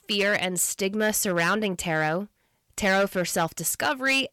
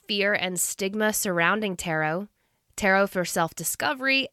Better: second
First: distortion; slight; 5% of the sound clipped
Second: none

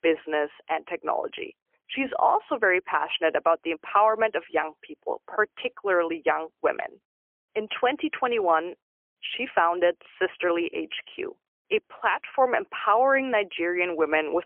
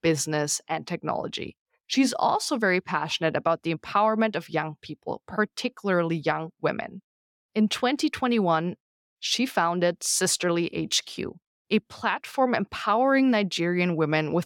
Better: second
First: phone-call audio; poor line; nothing above 3 kHz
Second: none

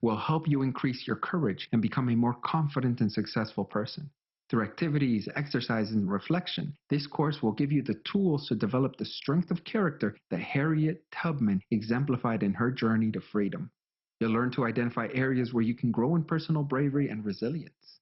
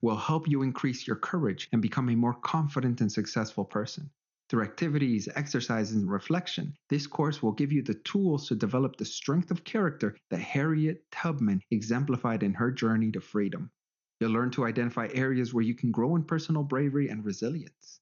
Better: second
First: garbled, watery; badly; nothing above 5.5 kHz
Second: garbled, watery; slightly; nothing above 6.5 kHz

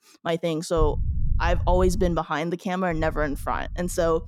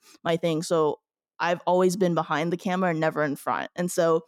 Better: second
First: low rumble; faint; from 1 to 2 s and from 3 s on; 25 dB below the speech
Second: none

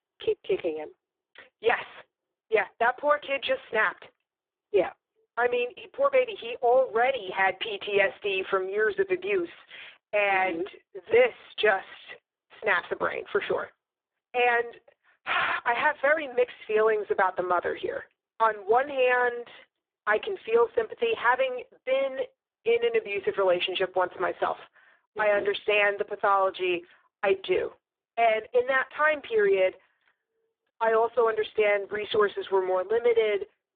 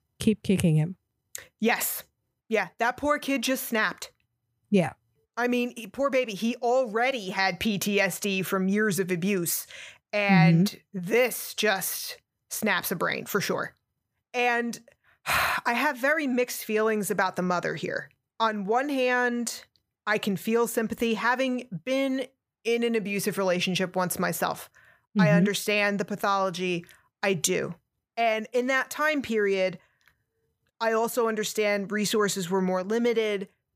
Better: second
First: phone-call audio; poor line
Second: none

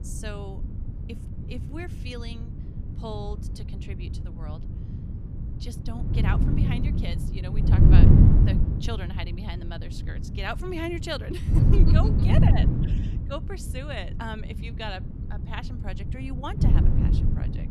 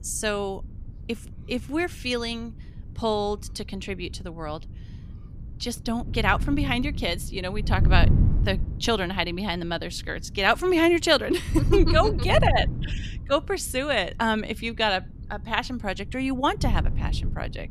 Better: second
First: wind noise on the microphone; heavy; 1 dB above the speech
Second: wind noise on the microphone; occasional gusts; 15 dB below the speech

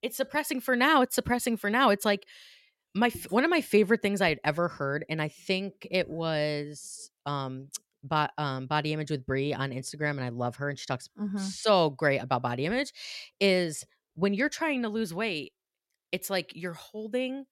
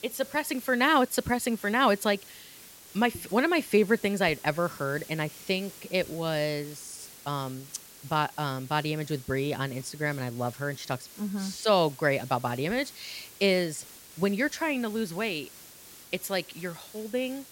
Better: first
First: none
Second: hiss; noticeable; throughout; 20 dB below the speech

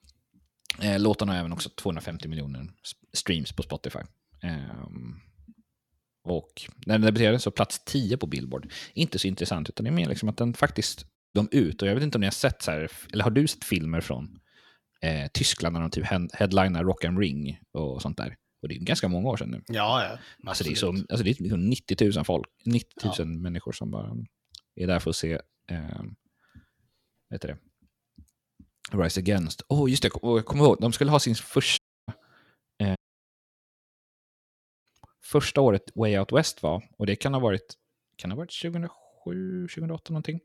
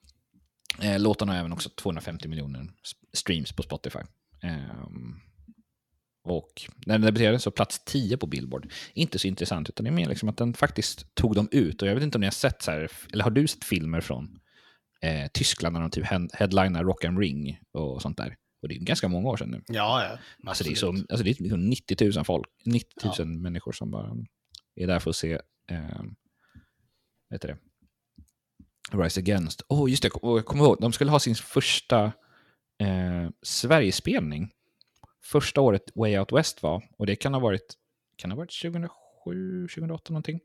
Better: second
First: audio cutting out; at 11 s, at 32 s and at 33 s for 2 s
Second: none

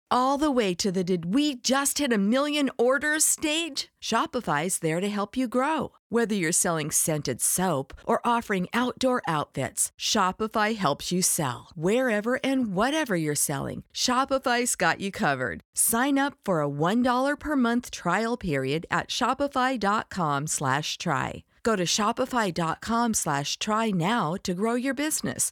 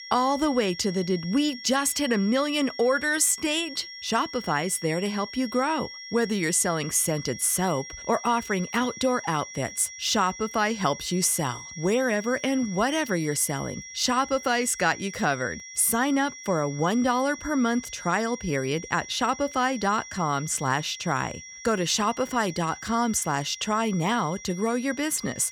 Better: first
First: none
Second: high-pitched whine; noticeable; throughout; 5.5 kHz, 15 dB below the speech

